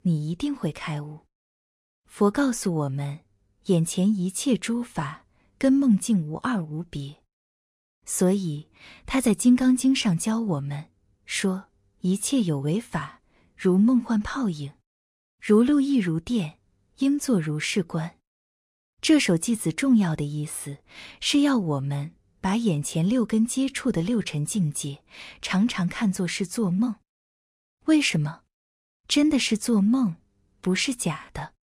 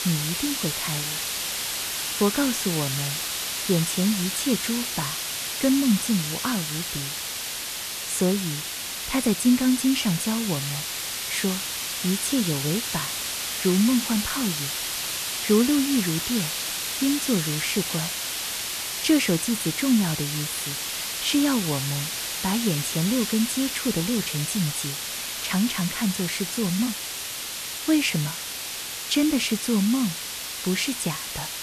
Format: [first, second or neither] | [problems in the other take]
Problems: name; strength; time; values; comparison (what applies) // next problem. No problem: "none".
first | hiss; loud; throughout; 2 dB below the speech